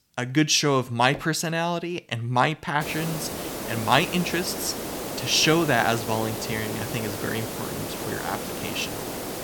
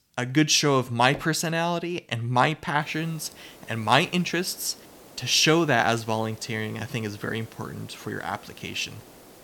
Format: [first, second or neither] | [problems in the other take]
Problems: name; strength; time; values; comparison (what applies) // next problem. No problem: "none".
second | hiss; loud; from 3 s on; 7 dB below the speech; faint in the second